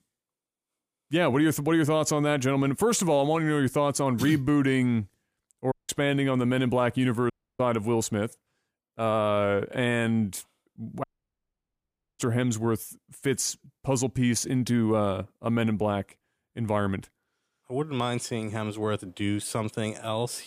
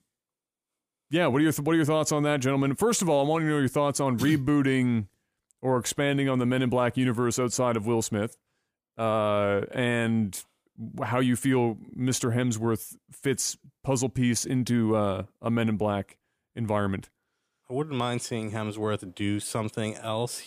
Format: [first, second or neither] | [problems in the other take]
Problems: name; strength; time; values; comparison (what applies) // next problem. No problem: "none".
second | audio cutting out; at 5.5 s, at 7.5 s and at 11 s for 1 s